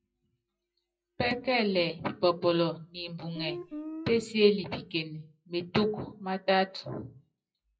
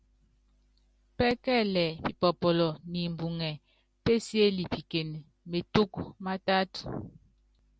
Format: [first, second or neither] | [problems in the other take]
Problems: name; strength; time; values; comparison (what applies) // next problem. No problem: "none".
second | noise reduction (classical method WPE with log-MMSE)